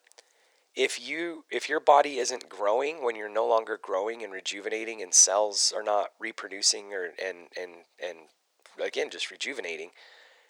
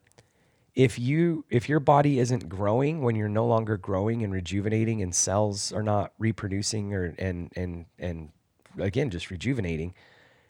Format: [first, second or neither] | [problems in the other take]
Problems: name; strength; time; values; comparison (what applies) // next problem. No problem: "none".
second | thin; very; fading below 450 Hz